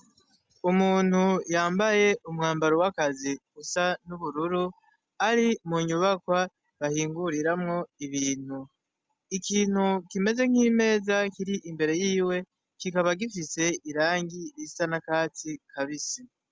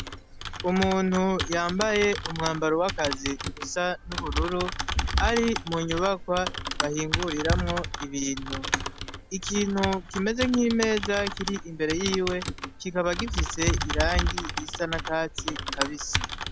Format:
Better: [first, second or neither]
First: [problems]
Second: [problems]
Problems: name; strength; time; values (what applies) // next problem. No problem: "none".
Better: first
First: none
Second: background sound (Thump, thud + Typing); 3 dB below the speech